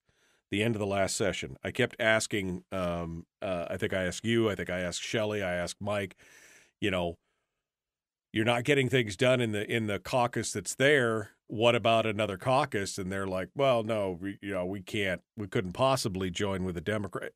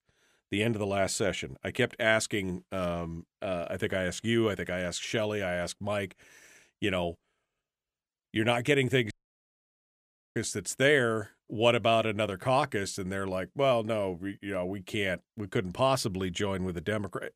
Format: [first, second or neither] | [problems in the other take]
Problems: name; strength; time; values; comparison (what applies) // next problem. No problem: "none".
first | audio cutting out; at 9 s for 1.5 s